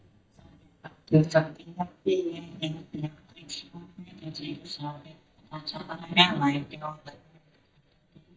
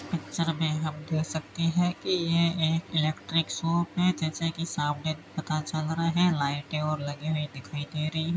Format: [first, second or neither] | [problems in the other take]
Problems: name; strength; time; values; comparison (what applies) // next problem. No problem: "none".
second | noise reduction (neural mask model DeepFilterNet 3)